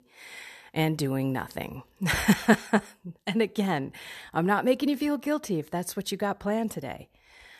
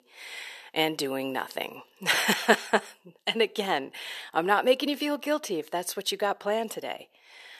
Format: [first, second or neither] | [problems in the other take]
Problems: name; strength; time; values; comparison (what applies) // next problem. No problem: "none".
first | thin; somewhat; fading below 450 Hz